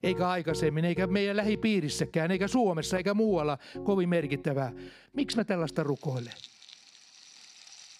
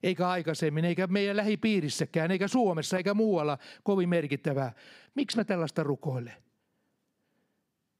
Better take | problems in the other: second | background music; noticeable; throughout; 15 dB below the speech

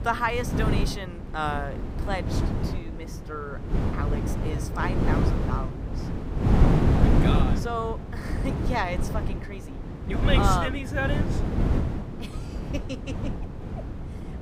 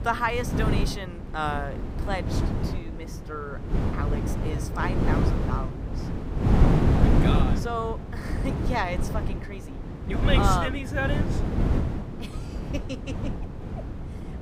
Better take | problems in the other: neither | wind noise on the microphone; heavy; 4 dB below the speech; the same in both

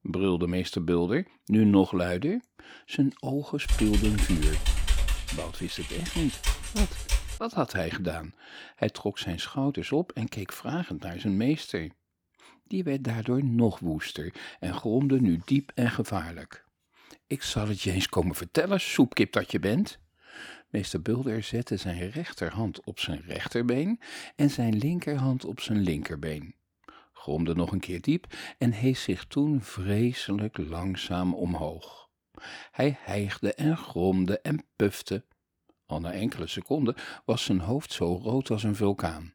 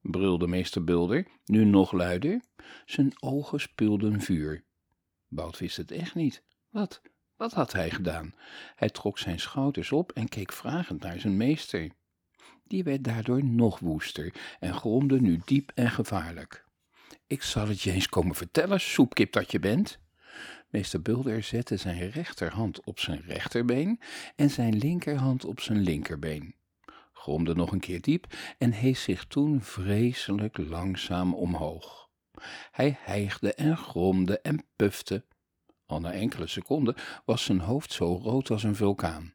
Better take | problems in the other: second | keyboard typing; loud; from 3.5 to 7.5 s; peak 1 dB above the speech

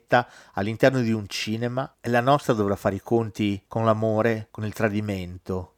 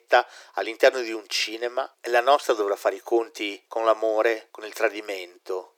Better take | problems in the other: first | thin; very; fading below 350 Hz

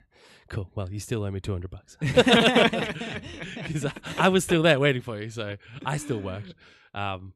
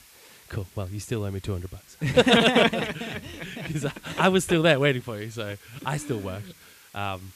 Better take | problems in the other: first | hiss; faint; throughout; 25 dB below the speech

